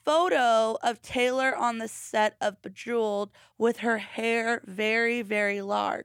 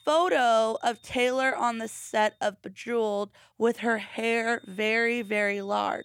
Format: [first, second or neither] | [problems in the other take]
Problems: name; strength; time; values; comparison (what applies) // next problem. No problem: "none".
first | high-pitched whine; faint; until 2.5 s and from 4 s on; 3.5 kHz, 30 dB below the speech